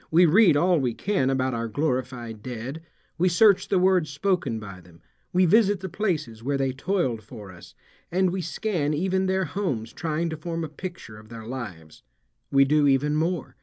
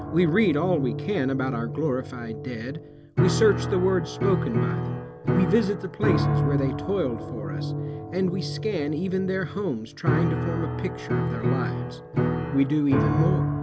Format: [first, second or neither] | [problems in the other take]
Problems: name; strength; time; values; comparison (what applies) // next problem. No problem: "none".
first | background sound (Piano); 1 dB below the speech